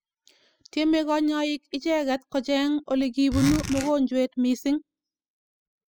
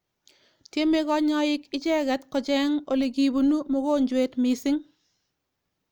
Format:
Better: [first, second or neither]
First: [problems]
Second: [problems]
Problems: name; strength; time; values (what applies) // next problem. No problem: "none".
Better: second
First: noise reduction (classical method spectral subtraction)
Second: none